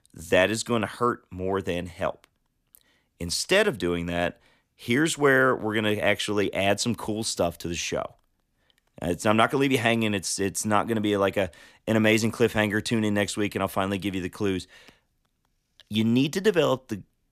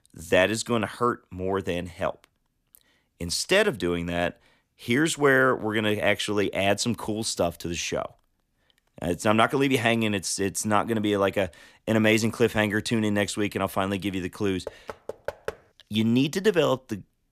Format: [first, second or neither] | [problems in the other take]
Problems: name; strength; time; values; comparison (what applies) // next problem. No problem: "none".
first | door banging; faint; at 15 s; peak 10 dB below the speech